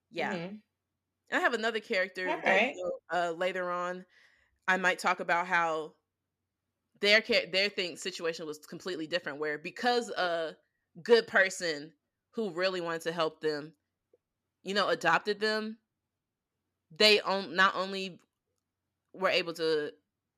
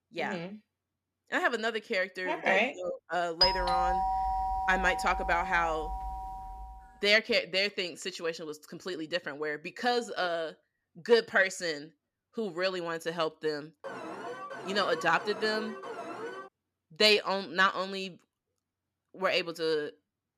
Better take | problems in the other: first | doorbell; loud; from 3.5 to 6.5 s; peak 4 dB above the speech // alarm; noticeable; from 14 to 16 s; peak 10 dB below the speech

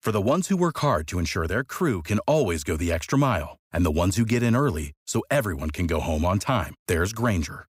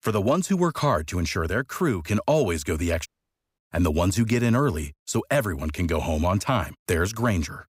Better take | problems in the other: first | audio cutting out; at 3 s for 0.5 s

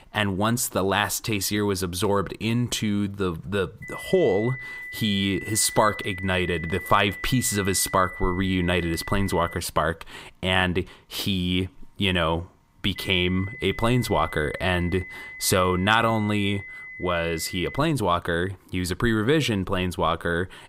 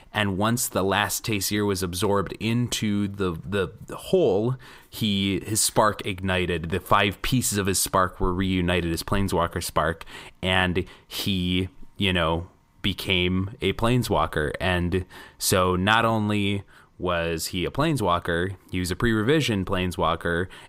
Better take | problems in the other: second | high-pitched whine; noticeable; from 4 to 9.5 s and from 13 to 18 s; 2 kHz, 10 dB below the speech

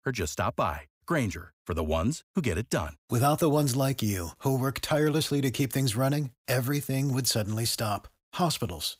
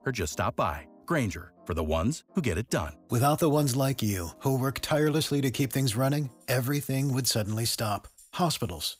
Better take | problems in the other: first | background music; faint; throughout; 30 dB below the speech

